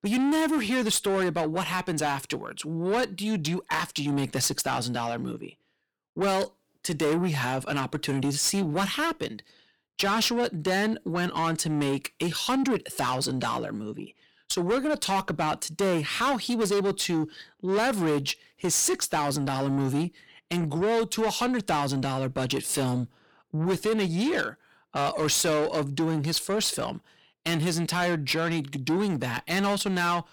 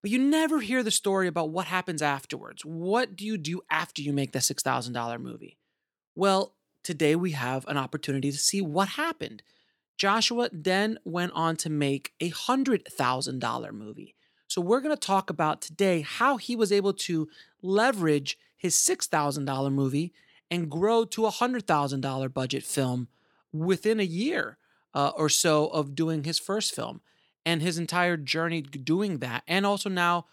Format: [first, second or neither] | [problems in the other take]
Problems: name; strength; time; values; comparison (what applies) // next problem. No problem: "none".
second | distortion; heavy; 7 dB below the speech